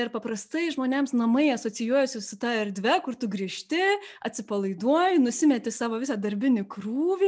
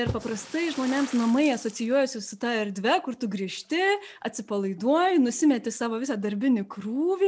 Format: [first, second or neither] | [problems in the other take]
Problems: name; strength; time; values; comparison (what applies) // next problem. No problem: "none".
first | background sound (Splash, splatter); 18 dB below the speech